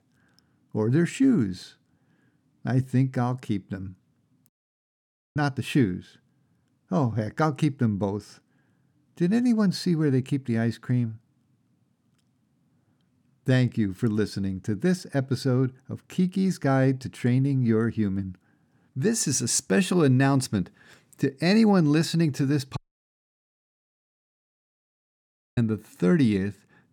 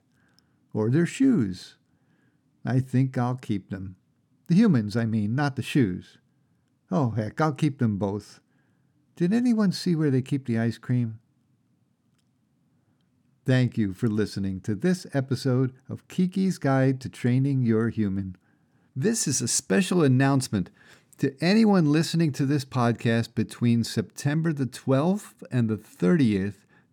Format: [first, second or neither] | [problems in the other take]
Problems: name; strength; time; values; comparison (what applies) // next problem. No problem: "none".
second | audio cutting out; at 4.5 s for 1 s and at 23 s for 3 s